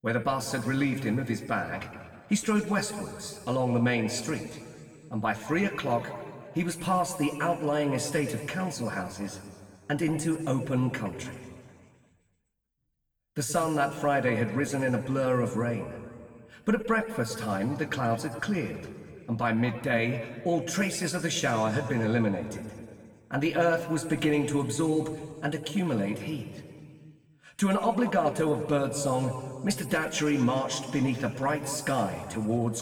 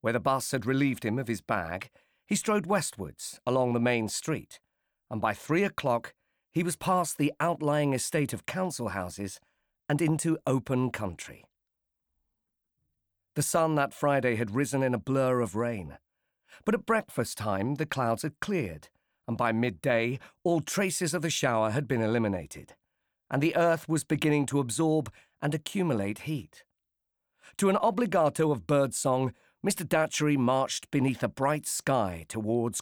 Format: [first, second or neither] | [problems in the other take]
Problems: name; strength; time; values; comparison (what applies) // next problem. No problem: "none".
second | room echo; noticeable; dies away in 1.7 s // off-mic speech; somewhat distant